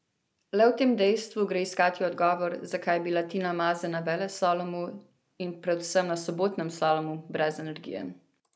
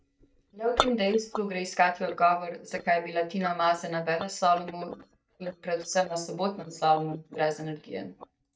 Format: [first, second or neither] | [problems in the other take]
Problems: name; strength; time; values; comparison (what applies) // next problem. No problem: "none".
first | noise reduction (neural mask model DeepFilterNet 3)